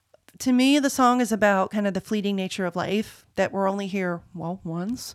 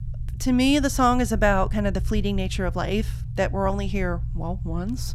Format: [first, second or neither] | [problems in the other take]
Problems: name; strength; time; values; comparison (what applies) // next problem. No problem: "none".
first | low rumble; faint; throughout; 20 dB below the speech